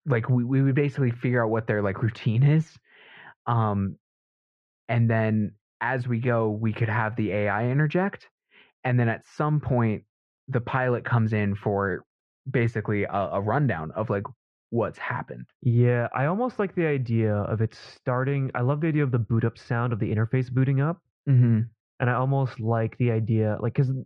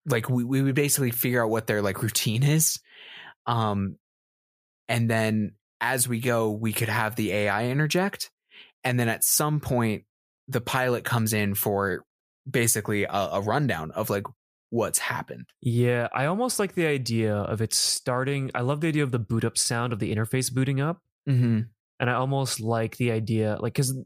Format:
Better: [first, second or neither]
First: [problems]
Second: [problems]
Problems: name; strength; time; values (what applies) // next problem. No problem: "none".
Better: second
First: muffled; very; fading above 2 kHz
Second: none